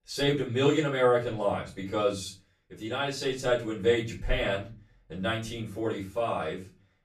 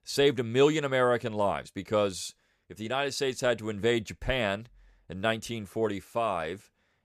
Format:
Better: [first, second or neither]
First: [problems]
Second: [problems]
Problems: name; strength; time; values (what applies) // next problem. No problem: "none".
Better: second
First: off-mic speech; far // room echo; slight; dies away in 0.3 s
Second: none